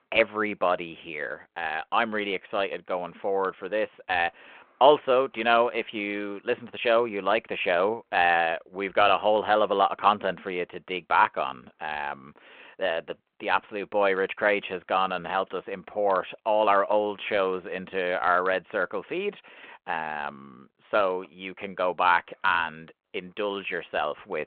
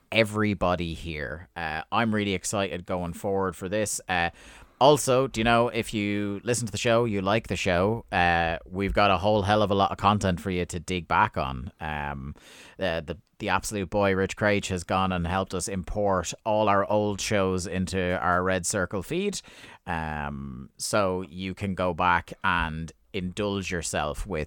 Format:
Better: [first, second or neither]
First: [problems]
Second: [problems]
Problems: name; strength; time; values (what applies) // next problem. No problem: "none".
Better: second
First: phone-call audio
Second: none